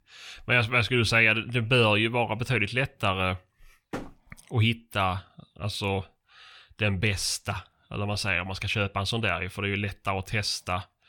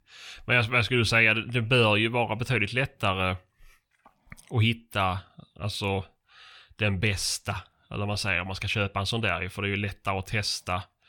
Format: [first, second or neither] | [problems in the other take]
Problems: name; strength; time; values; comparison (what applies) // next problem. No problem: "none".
second | door banging; faint; at 4 s; peak 15 dB below the speech